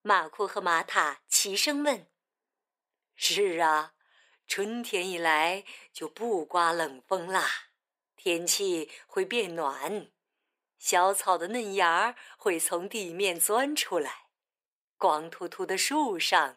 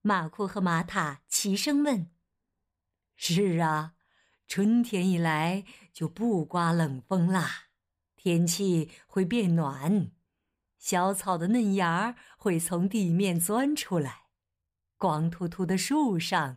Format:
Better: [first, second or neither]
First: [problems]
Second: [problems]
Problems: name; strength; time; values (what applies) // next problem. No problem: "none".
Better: second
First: thin; very; fading below 350 Hz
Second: none